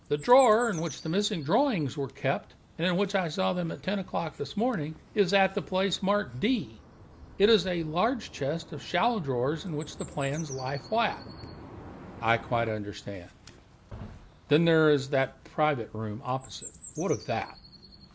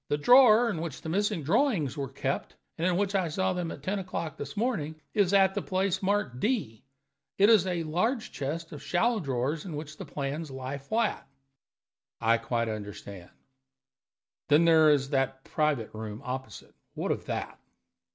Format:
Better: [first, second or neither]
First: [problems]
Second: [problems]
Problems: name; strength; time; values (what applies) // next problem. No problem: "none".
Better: second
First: background sound (Chirp, tweet); 19 dB below the speech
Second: none